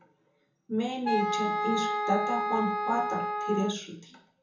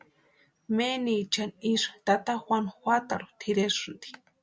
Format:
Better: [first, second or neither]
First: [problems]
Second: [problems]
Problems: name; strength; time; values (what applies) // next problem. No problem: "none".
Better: second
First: background sound (Wind instrument, woodwind instrument); 1 dB above the speech // room echo; dies away in 0.6 s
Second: none